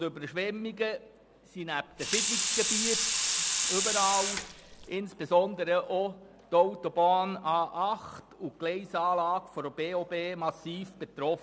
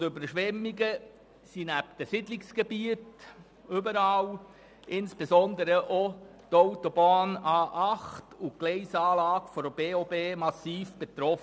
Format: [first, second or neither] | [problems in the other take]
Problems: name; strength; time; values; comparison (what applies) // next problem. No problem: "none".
second | background sound (Sink (filling or washing) / Water tap, faucet); 1 dB above the speech